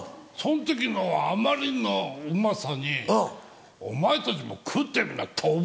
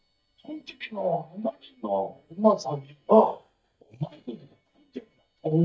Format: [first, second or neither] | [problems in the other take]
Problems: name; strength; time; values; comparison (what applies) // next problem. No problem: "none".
first | noise reduction (neural mask model DeepFilterNet 3)